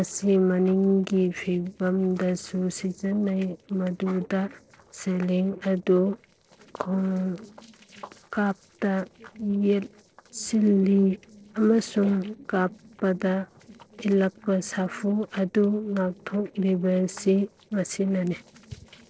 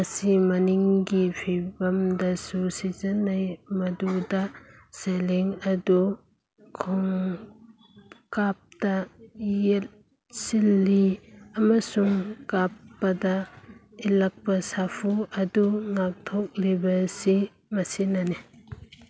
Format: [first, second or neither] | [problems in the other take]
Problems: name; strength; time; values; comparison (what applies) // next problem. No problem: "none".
second | noise reduction (neural separator model SepFormer DNS4)